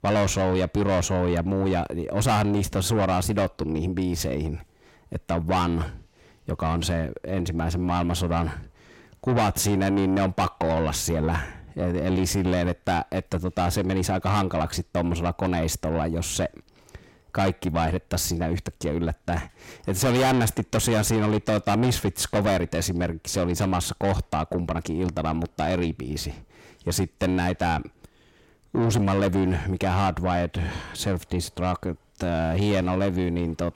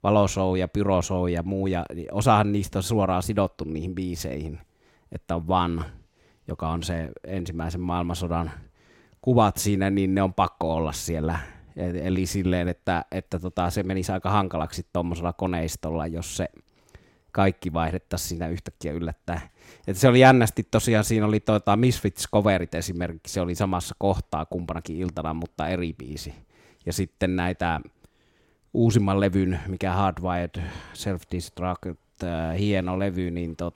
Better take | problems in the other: second | distortion; heavy; 6 dB below the speech

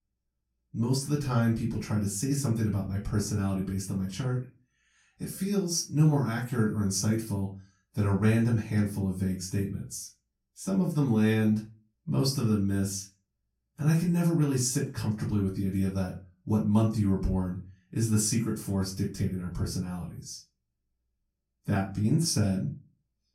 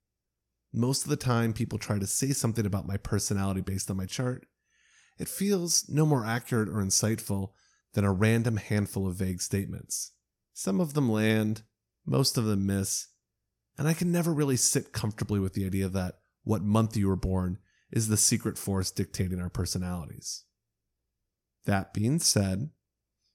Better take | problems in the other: second | off-mic speech; far // room echo; slight; dies away in 0.3 s

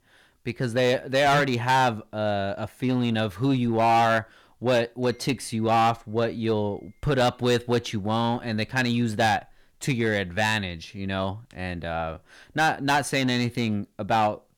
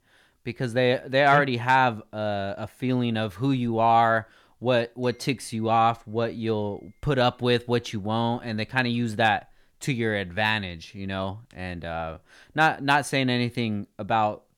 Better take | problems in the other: second | distortion; slight; 7% of the sound clipped

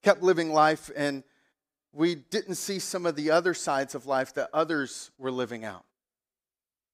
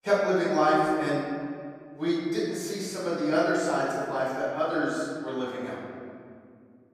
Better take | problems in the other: first | room echo; strong; dies away in 2.1 s // off-mic speech; far

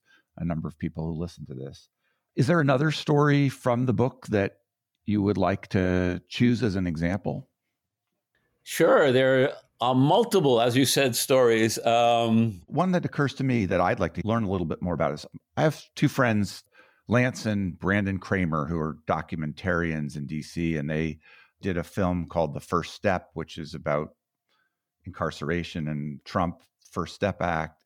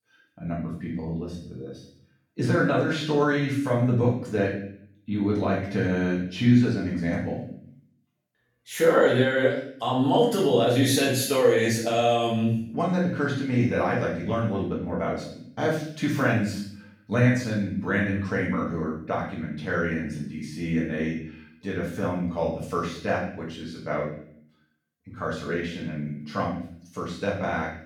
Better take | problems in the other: first | room echo; noticeable; dies away in 0.6 s // off-mic speech; far

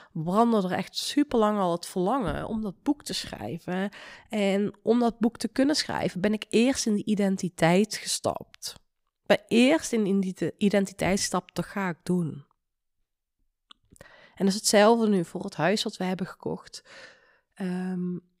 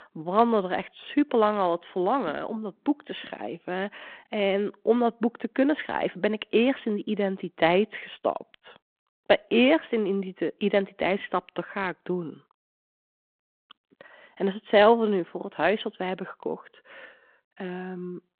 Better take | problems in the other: first | phone-call audio

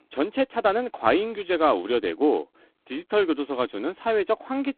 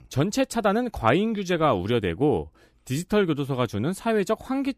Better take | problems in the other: second | phone-call audio; poor line; nothing above 3.5 kHz

